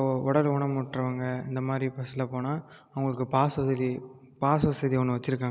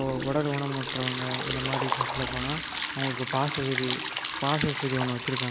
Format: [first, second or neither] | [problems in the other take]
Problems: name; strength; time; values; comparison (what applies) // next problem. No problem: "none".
first | background sound (Liquid); 2 dB below the speech